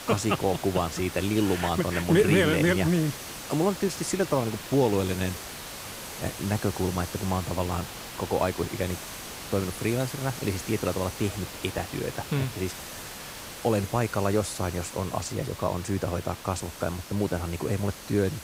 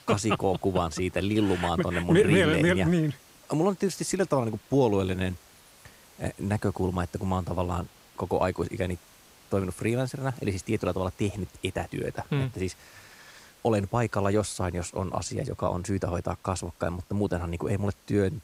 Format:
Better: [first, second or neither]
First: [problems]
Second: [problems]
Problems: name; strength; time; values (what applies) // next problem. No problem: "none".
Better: second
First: hiss; loud; throughout; 10 dB below the speech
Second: hiss; faint; throughout; 25 dB below the speech